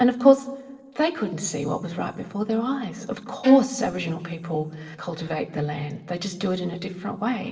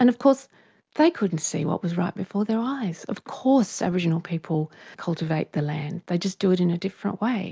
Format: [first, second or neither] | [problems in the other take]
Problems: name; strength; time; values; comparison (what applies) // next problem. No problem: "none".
second | noise reduction (neural separator model SepFormer DNS4)